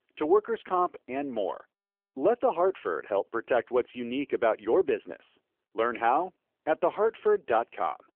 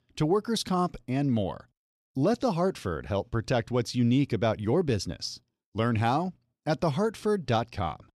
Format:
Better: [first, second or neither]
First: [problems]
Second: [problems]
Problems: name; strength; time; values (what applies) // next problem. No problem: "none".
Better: second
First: phone-call audio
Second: none